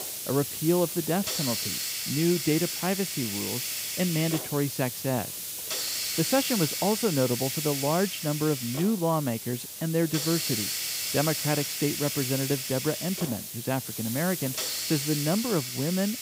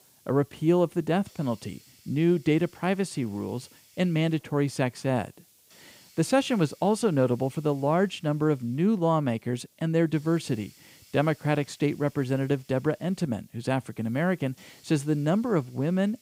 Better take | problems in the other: second | hiss; loud; throughout; 2 dB below the speech; faint in the second

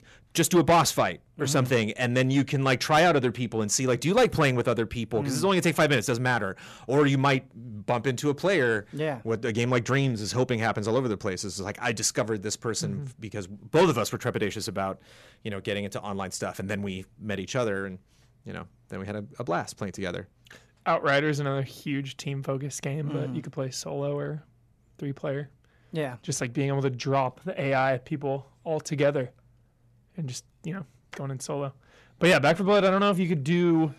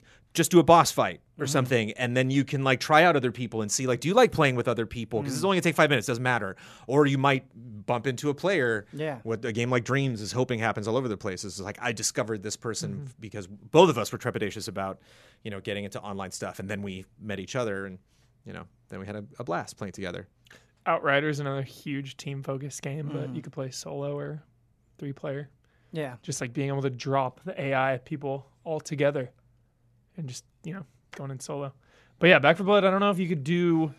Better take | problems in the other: second | distortion; slight; 10 dB below the speech

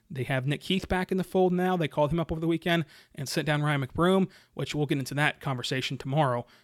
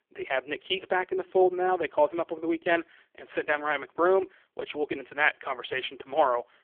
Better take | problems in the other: first | phone-call audio; poor line; nothing above 3.5 kHz

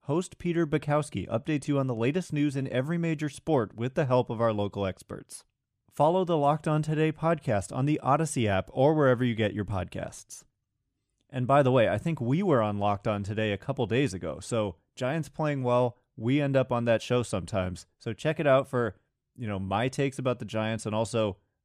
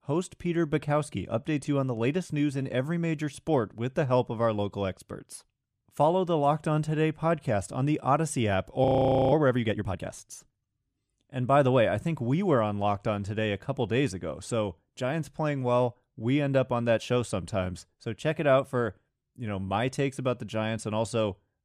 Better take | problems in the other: first | audio freezing; at 9 s

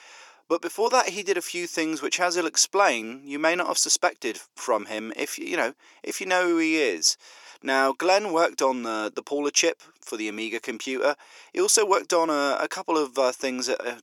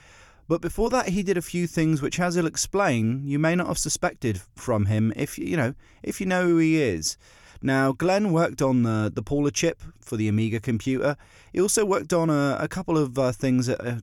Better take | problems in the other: second | thin; very; fading below 350 Hz

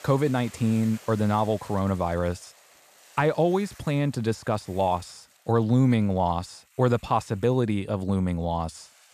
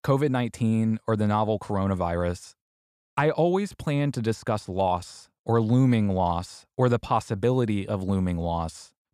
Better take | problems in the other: second | hiss; faint; throughout; 25 dB below the speech

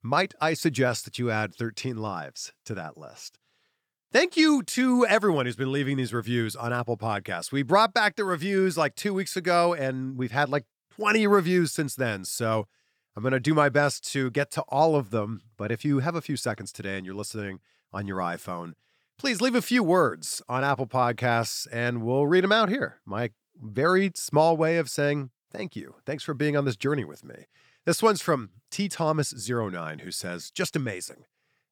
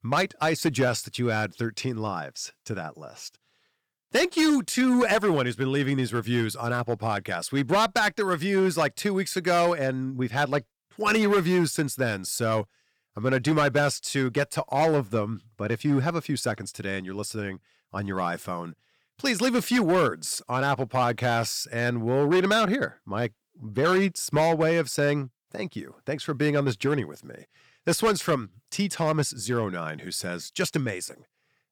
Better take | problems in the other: first | distortion; slight; 5% of the sound clipped

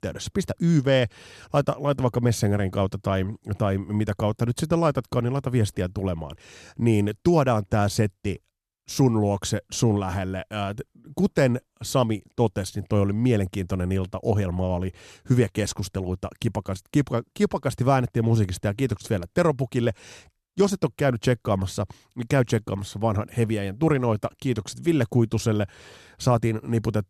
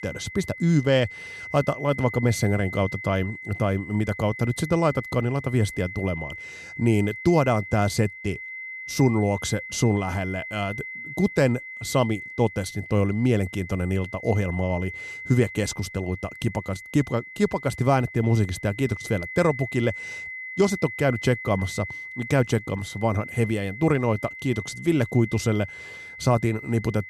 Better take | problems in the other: first | high-pitched whine; noticeable; throughout; 2 kHz, 10 dB below the speech

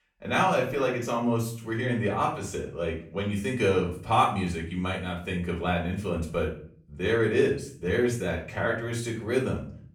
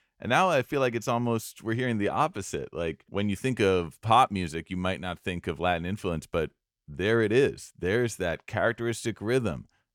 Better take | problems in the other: second | off-mic speech; far // room echo; slight; dies away in 0.4 s

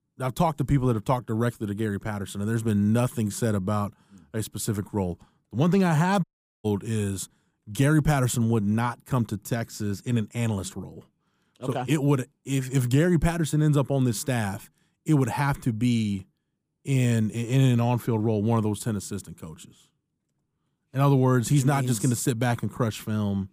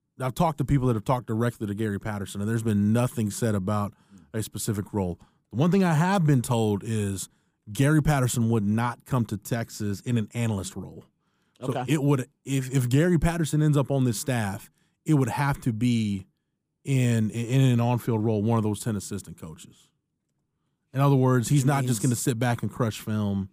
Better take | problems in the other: second | audio cutting out; at 6 s

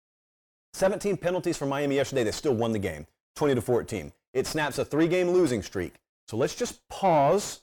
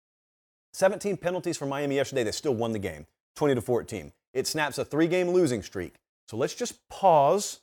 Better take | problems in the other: second | distortion; slight; 10 dB below the speech

